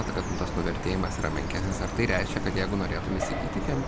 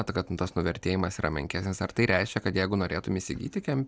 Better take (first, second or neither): second